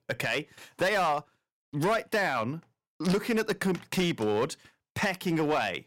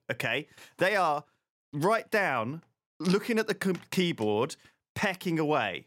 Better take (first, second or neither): second